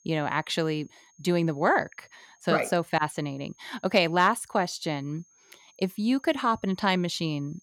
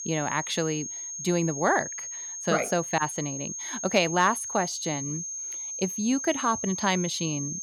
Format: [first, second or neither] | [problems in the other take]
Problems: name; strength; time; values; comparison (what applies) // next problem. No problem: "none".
first | high-pitched whine; loud; throughout; 6.5 kHz, 5 dB below the speech; faint in the first